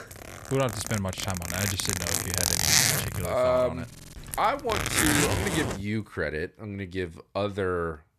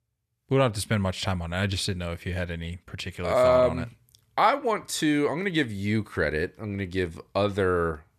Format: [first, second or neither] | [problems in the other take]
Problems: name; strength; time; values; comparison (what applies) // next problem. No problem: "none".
second | household noises; very loud; until 5.5 s; 4 dB above the speech